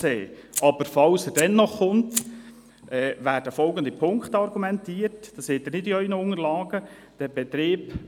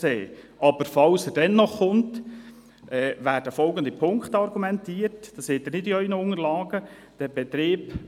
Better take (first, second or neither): second